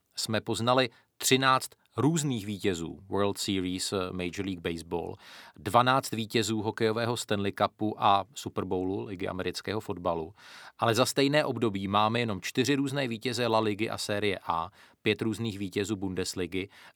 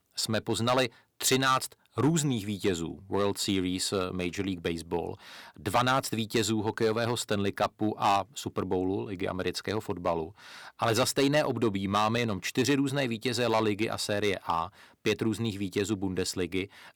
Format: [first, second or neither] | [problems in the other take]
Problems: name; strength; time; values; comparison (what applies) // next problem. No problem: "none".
first | distortion; slight; 3% of the sound clipped